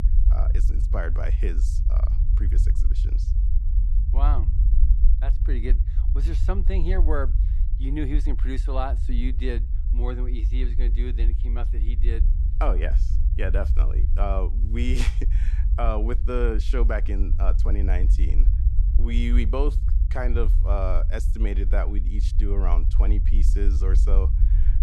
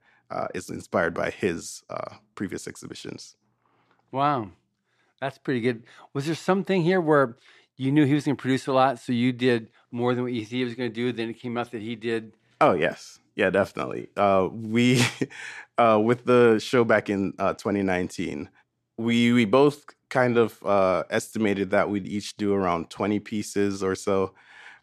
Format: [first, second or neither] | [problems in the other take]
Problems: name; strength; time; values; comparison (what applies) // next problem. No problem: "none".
second | low rumble; noticeable; throughout; 10 dB below the speech